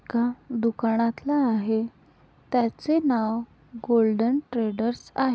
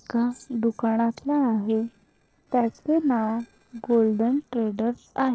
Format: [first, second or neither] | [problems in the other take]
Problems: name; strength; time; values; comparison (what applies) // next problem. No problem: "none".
first | noise reduction (neural separator model SepFormer DNS4)